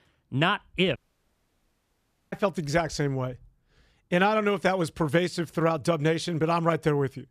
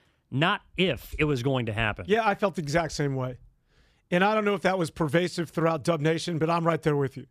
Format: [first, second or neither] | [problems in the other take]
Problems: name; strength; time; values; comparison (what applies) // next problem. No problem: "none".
second | audio cutting out; at 1 s for 1.5 s